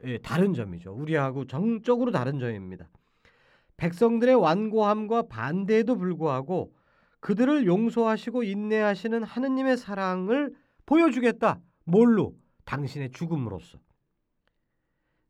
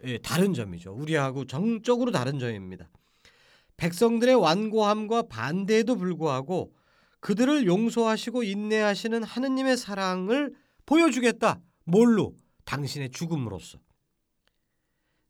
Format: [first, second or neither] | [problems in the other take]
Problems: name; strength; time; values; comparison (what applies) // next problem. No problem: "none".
second | muffled; slightly; fading above 3 kHz